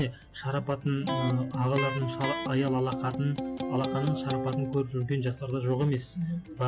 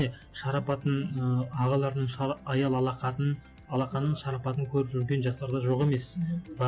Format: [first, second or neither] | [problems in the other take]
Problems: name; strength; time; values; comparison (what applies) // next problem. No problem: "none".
second | background sound (Electric guitar); 4 dB below the speech